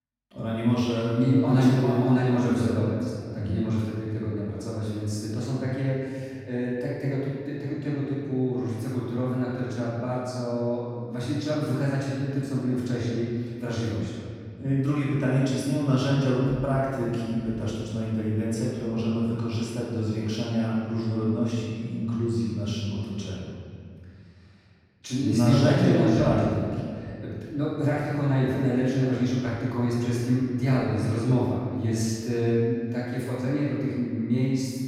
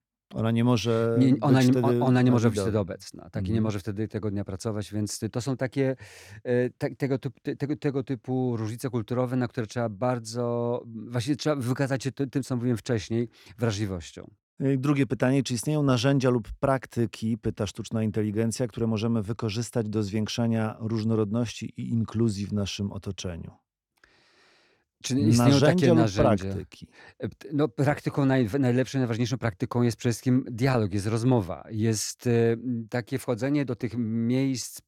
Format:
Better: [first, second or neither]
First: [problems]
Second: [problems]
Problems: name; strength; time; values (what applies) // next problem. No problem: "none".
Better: second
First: off-mic speech; far // room echo; strong; dies away in 2.1 s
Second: none